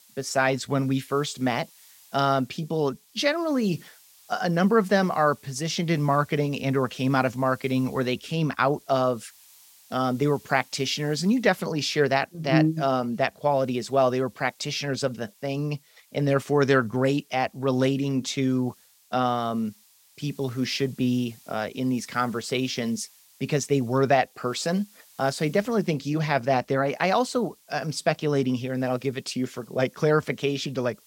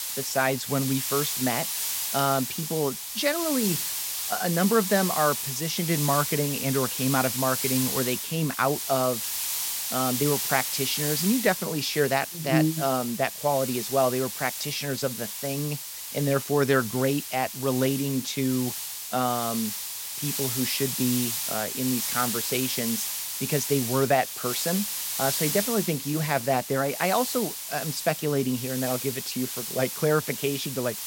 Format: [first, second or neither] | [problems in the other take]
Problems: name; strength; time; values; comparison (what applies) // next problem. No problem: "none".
first | hiss; loud; throughout; 2 dB below the speech; faint in the first